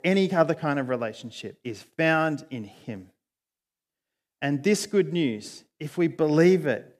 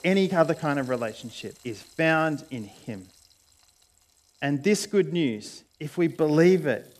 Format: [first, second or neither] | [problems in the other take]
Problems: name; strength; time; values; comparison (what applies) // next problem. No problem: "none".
first | household noises; faint; throughout; 30 dB below the speech